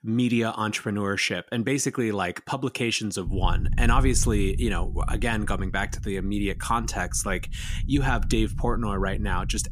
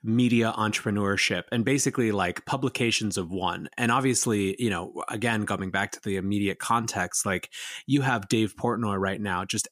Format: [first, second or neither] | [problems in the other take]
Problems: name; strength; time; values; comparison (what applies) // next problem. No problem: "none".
second | low rumble; noticeable; from 3.5 s on; 20 dB below the speech